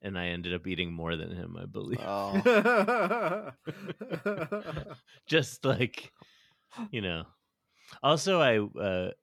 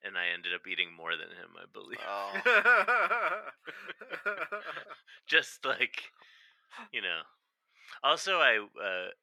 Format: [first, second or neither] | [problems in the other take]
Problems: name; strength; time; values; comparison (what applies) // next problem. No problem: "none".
first | thin; very; fading below 500 Hz